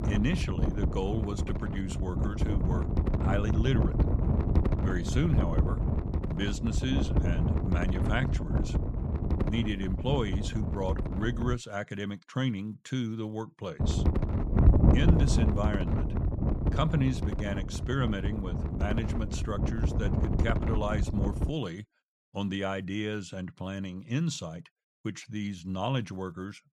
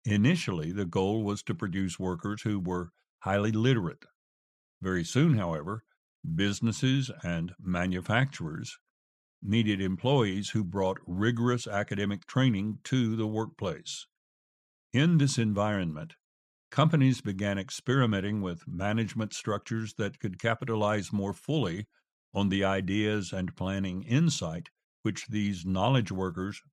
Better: second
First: wind noise on the microphone; heavy; until 12 s and from 14 to 22 s; 2 dB below the speech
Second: none

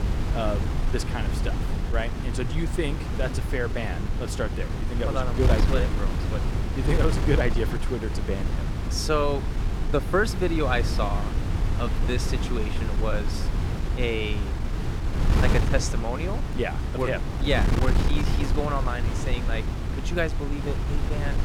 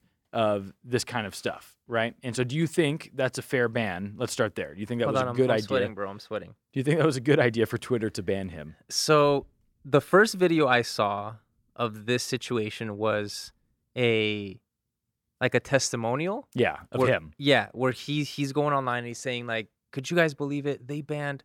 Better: second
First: wind noise on the microphone; heavy; 5 dB below the speech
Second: none

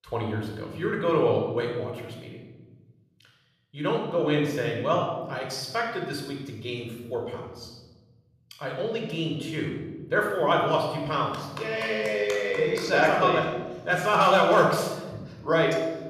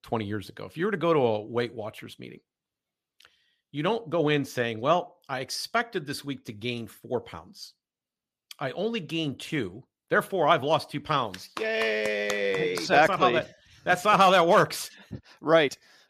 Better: second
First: room echo; noticeable; dies away in 1.2 s // off-mic speech; somewhat distant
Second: none

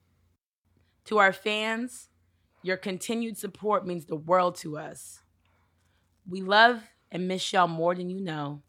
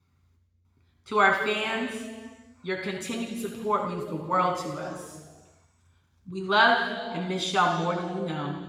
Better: first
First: none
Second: room echo; noticeable; dies away in 1.5 s // off-mic speech; far

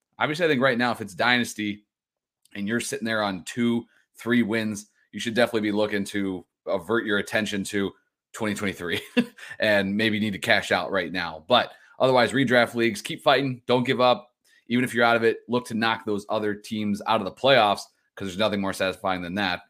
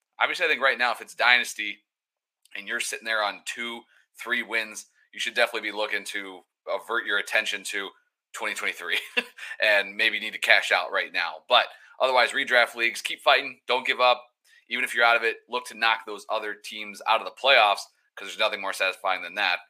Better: first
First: none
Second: thin; very; fading below 800 Hz

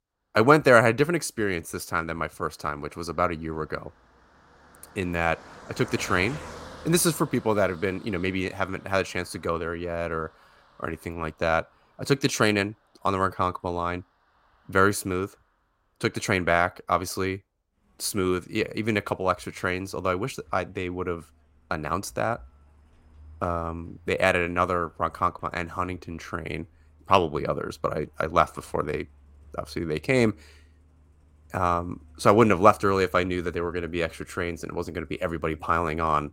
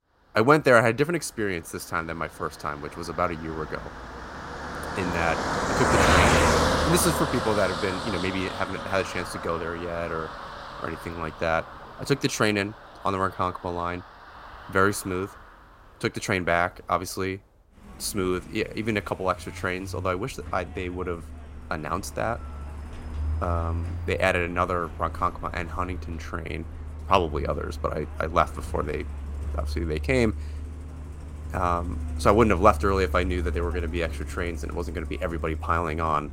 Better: first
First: traffic noise; faint; throughout; 25 dB below the speech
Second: traffic noise; loud; throughout; 4 dB below the speech

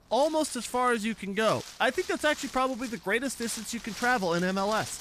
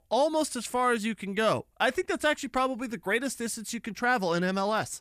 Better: second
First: wind noise on the microphone; occasional gusts; 15 dB below the speech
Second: none

